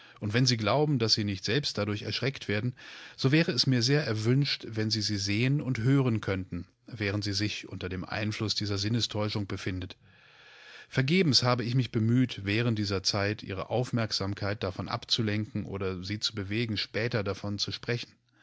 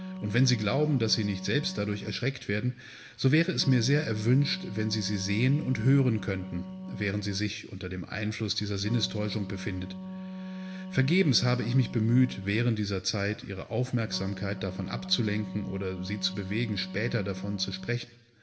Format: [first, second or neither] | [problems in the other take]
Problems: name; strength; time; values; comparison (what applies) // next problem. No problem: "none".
first | background sound (Wind instrument, woodwind instrument); 11 dB below the speech // room echo; dies away in 1.2 s